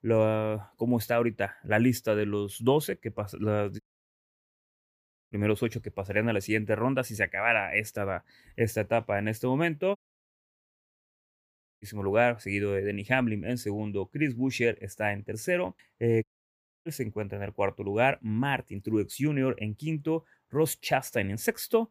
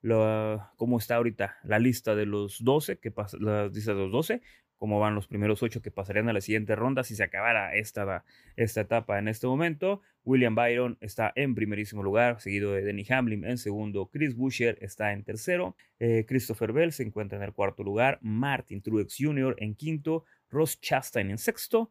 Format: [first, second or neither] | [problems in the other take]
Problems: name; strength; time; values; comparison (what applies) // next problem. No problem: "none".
second | audio cutting out; at 4 s for 1.5 s, at 10 s for 2 s and at 16 s for 0.5 s